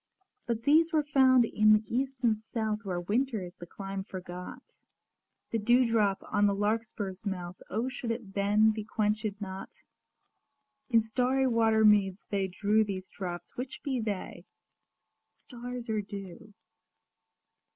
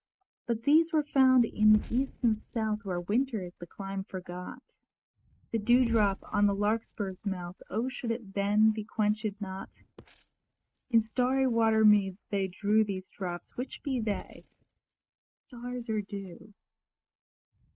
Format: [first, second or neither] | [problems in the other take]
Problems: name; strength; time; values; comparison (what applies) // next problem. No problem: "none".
first | noise reduction (neural mask model RNNoise)